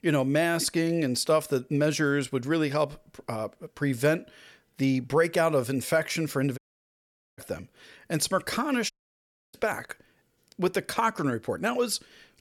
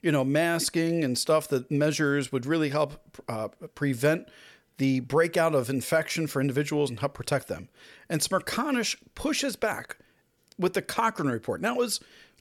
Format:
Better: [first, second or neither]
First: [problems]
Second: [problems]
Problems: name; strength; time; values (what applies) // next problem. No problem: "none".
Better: second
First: audio cutting out; at 6.5 s for 1 s and at 9 s for 0.5 s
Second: none